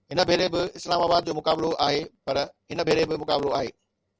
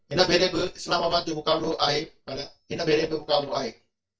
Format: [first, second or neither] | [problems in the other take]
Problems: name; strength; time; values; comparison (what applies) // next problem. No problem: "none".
first | noise reduction (neural mask model DeepFilterNet 3)